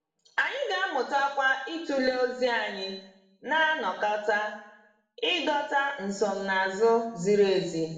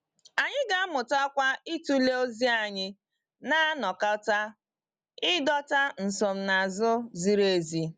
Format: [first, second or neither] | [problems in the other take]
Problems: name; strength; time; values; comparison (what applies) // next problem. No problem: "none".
second | room echo; dies away in 0.8 s